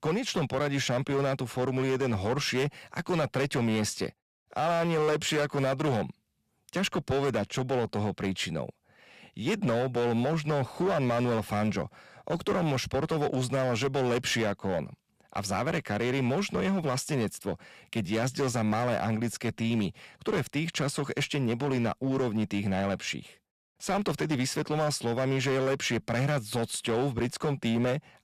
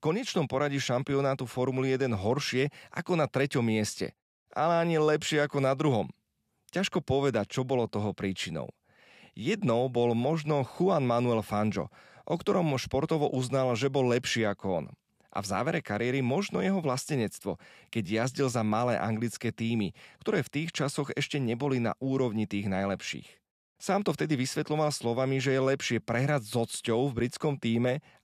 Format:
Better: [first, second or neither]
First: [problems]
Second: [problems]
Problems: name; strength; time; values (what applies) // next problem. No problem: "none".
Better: second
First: distortion; slight; 12% of the sound clipped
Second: none